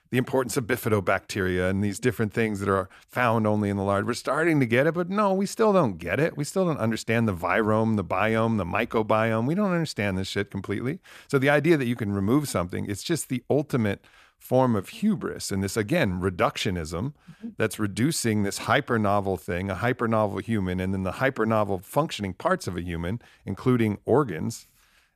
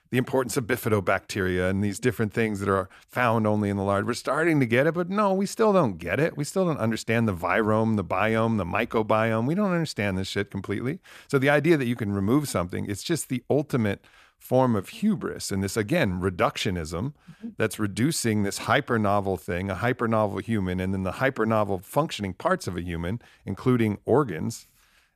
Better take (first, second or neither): neither